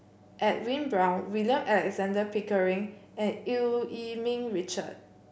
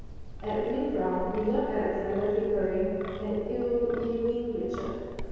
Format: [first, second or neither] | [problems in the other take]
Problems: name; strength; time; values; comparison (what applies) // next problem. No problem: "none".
first | background sound (Wind); 11 dB below the speech // room echo; dies away in 2.2 s